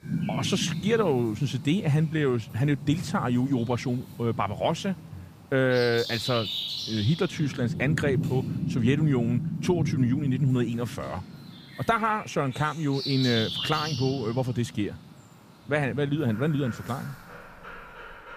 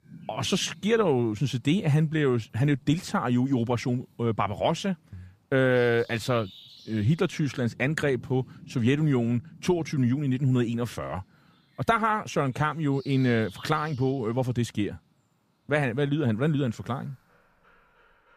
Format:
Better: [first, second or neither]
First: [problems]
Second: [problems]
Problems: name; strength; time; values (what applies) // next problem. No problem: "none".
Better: second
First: animal sounds; loud; throughout; 7 dB below the speech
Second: animal sounds; faint; throughout; 25 dB below the speech